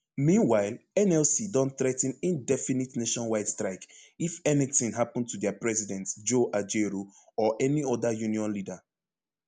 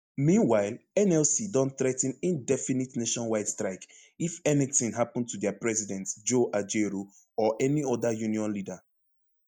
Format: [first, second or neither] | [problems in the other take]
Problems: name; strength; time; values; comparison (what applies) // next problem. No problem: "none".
first | noise reduction (neural mask model DeepFilterNet 3)